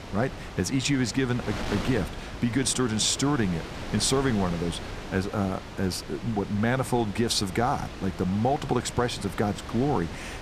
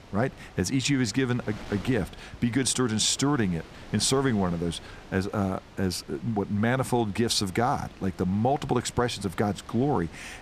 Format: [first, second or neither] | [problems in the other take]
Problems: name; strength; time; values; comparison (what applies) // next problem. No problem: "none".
second | wind noise on the microphone; heavy; 10 dB below the speech; occasional gusts in the second